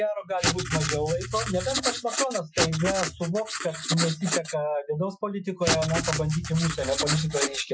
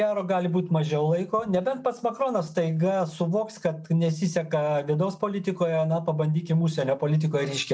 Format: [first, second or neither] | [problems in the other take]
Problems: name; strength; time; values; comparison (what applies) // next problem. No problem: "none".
second | noise reduction (classical method Wiener filter)